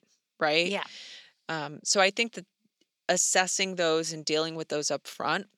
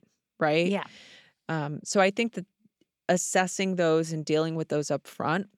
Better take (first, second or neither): second